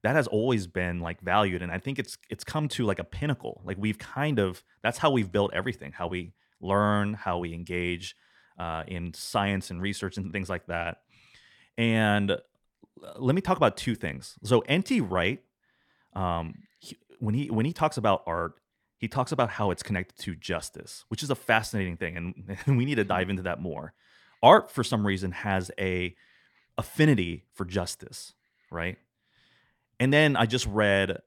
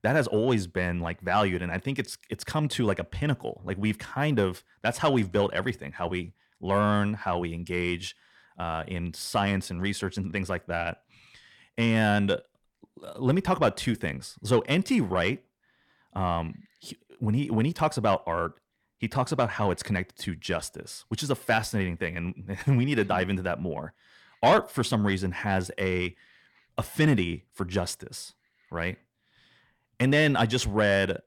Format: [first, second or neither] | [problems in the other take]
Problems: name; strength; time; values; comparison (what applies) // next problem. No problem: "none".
first | distortion; slight; 10 dB below the speech